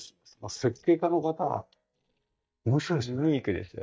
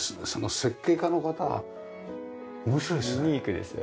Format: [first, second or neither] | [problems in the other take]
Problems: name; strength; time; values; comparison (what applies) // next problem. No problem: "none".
second | noise reduction (neural mask model DeepFilterNet 3)